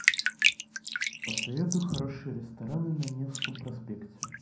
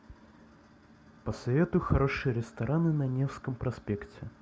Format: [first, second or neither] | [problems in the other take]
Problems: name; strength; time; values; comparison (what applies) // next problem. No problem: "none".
second | background sound (Bathtub (filling or washing)); 2 dB above the speech // room echo; dies away in 0.5 s